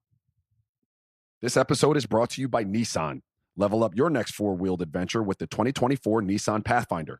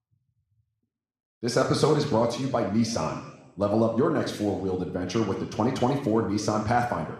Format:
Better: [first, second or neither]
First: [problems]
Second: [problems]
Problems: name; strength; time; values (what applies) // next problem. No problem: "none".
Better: first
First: none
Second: room echo; noticeable; dies away in 0.9 s // off-mic speech; somewhat distant